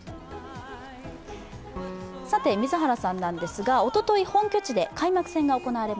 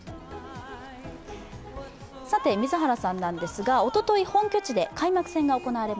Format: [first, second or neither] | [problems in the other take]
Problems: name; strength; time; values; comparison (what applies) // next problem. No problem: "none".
second | background sound (Piano); 19 dB below the speech